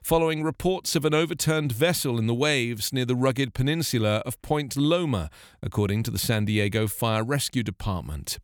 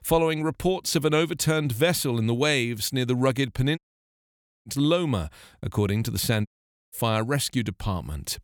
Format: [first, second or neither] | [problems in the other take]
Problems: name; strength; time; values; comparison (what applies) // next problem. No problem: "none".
first | audio cutting out; at 4 s for 1 s and at 6.5 s